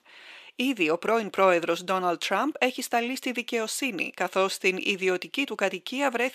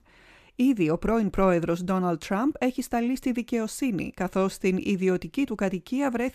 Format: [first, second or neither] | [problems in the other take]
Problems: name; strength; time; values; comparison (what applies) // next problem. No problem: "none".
second | thin; somewhat; fading below 450 Hz